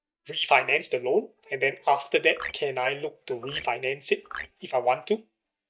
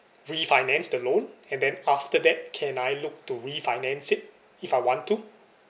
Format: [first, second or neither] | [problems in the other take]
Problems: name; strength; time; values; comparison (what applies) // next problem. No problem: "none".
second | noise reduction (neural mask model DeepFilterNet 3)